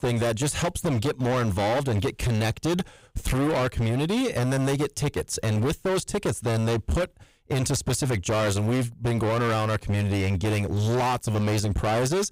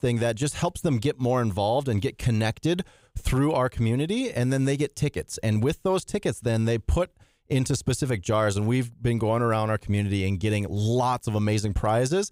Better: second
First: distortion; heavy; 32% of the sound clipped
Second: none

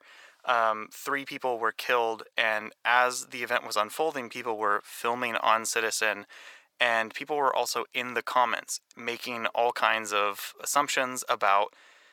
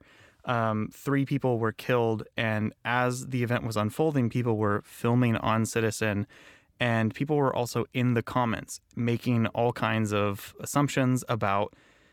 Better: second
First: thin; very; fading below 800 Hz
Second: none

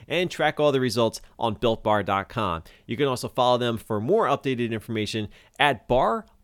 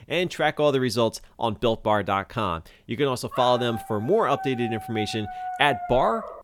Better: first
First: none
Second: dog barking; noticeable; from 3.5 s on; peak 7 dB below the speech

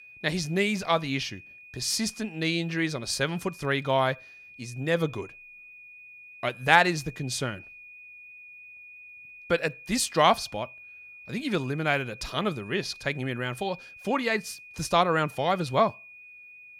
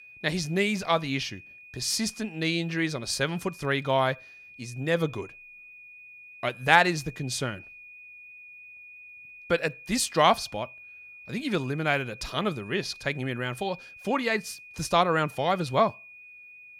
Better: neither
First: high-pitched whine; noticeable; throughout; 2.5 kHz, 20 dB below the speech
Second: high-pitched whine; noticeable; throughout; 2.5 kHz, 20 dB below the speech

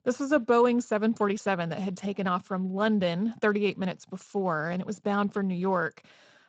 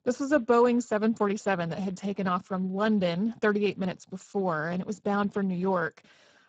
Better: first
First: garbled, watery; slightly; nothing above 7.5 kHz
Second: garbled, watery; badly; nothing above 7.5 kHz

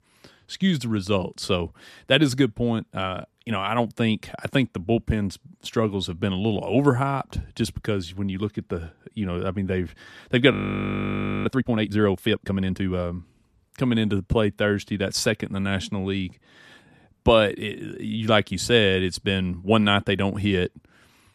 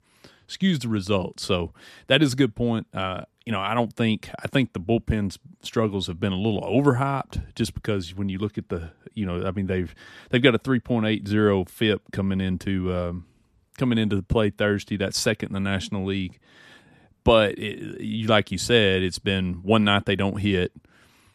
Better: second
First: audio freezing; at 11 s for 1 s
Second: none

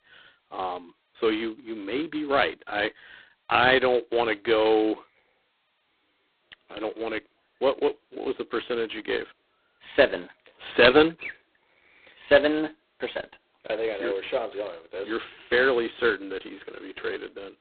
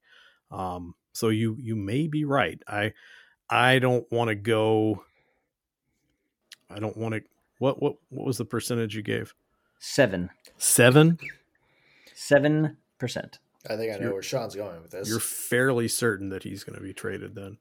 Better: second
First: phone-call audio; poor line; nothing above 4 kHz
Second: none

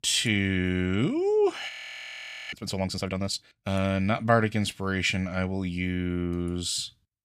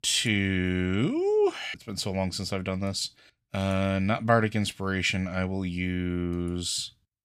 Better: second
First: audio freezing; at 1.5 s for 1 s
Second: none

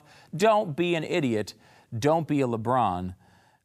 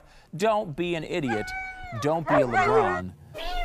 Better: first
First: none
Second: animal sounds; very loud; throughout; 1 dB above the speech

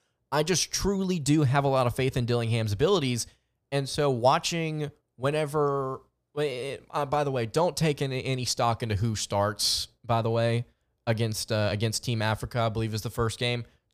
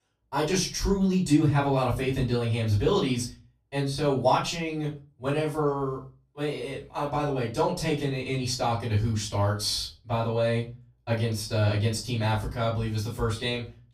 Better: first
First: none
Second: off-mic speech; far // room echo; slight; dies away in 0.3 s

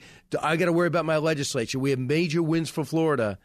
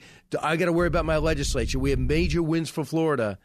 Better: first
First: none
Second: low rumble; faint; from 1 to 2.5 s; 25 dB below the speech

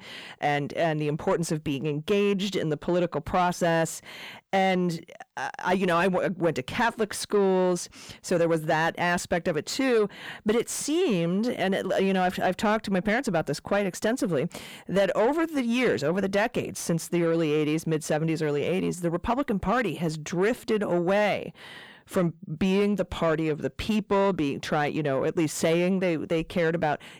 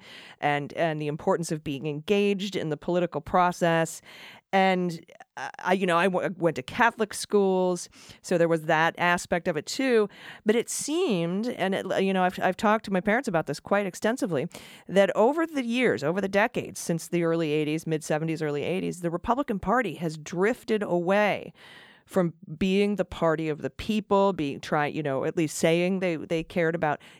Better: second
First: distortion; slight; 10 dB below the speech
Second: none

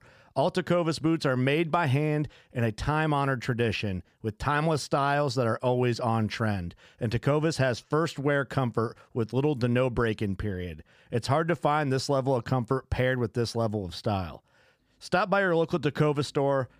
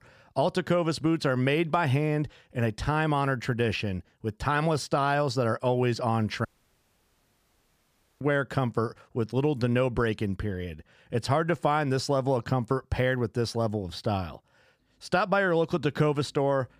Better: first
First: none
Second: audio cutting out; at 6.5 s for 2 s

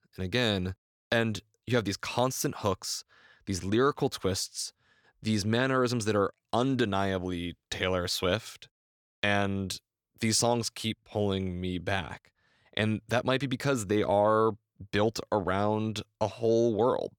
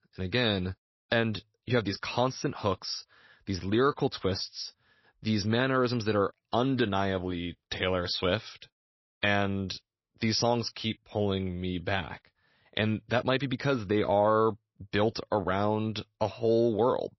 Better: first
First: none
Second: garbled, watery; slightly; nothing above 5.5 kHz

